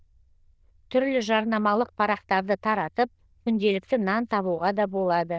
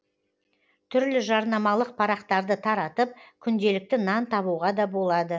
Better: second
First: noise reduction (neural diffusion model UNIVERSE++)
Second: none

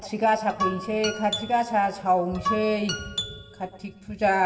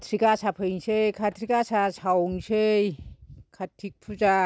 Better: second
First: background sound (Guitar); 8 dB below the speech // room echo; dies away in 2.6 s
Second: none

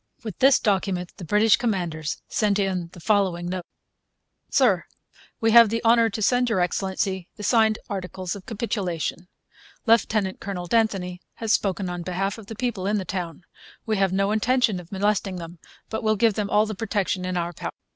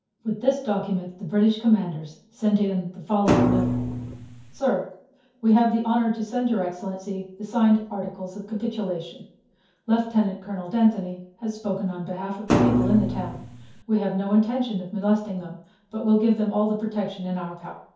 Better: first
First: none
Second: background sound (Thump, thud); 1 dB above the speech // room echo; dies away in 0.6 s

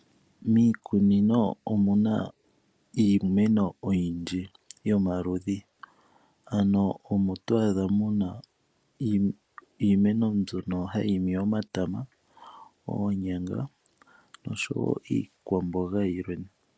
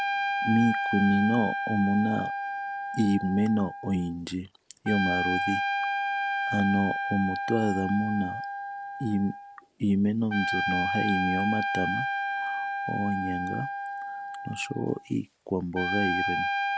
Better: first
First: none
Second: background sound (Trumpet); 2 dB below the speech

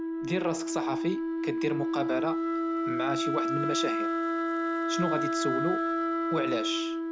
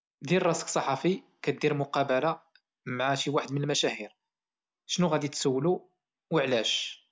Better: second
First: background sound (Wind instrument, woodwind instrument); 4 dB above the speech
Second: none

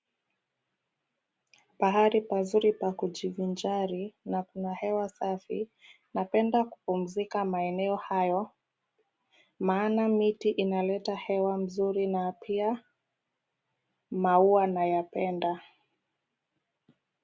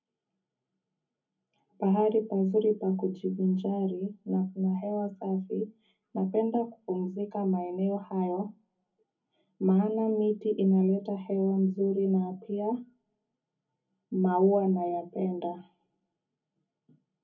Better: first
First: none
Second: room echo; dies away in 0.3 s

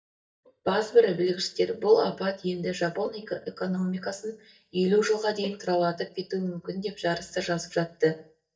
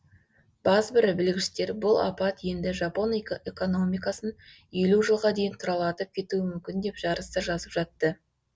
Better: second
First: noise reduction (neural mask model DeepFilterNet 3)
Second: none

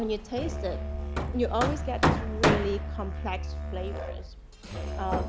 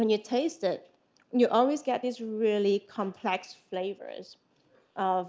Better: second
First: background sound (Musical instrument + Hammer); 3 dB above the speech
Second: none

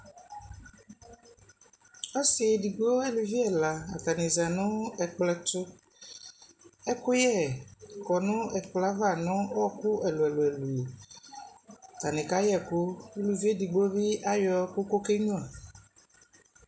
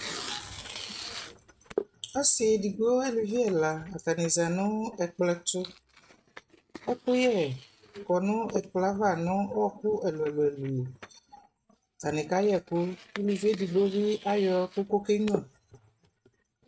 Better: first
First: none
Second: noise reduction (neural mask model RNNoise)

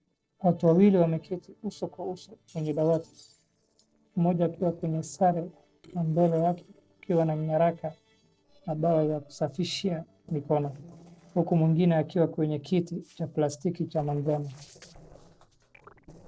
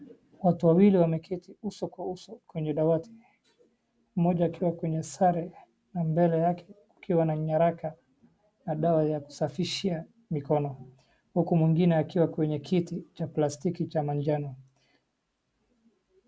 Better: second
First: noise reduction (neural separator model SepFormer DNS4)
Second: none

